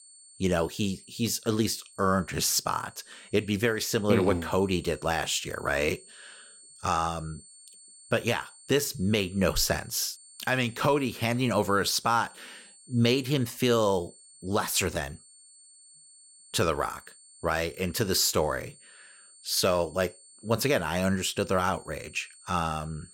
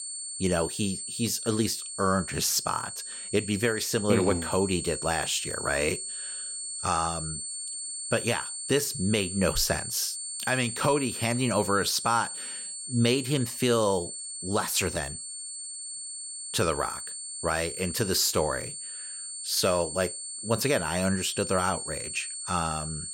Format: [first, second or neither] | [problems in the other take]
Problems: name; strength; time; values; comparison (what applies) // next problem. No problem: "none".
first | high-pitched whine; loud; throughout; 8.5 kHz, 6 dB below the speech; faint in the first